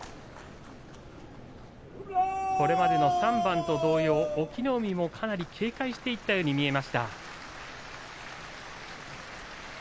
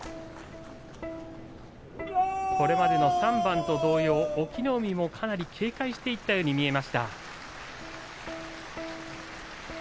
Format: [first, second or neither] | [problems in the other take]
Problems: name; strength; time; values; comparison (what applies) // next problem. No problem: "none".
first | background sound (Plucked string instrument); 17 dB below the speech